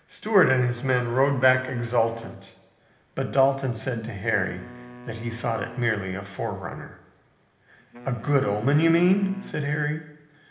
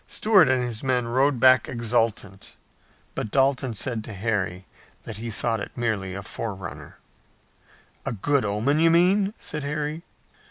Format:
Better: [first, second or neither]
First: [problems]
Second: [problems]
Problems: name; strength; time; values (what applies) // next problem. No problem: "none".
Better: second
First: background sound (Wind instrument, woodwind instrument); 19 dB below the speech // room echo; dies away in 1 s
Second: none